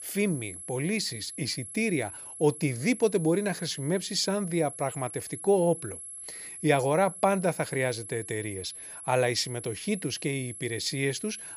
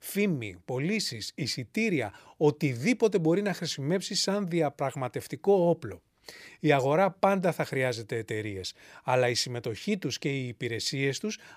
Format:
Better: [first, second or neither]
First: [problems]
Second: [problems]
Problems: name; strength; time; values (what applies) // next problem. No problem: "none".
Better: second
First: high-pitched whine; noticeable; throughout; 11 kHz, 10 dB below the speech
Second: none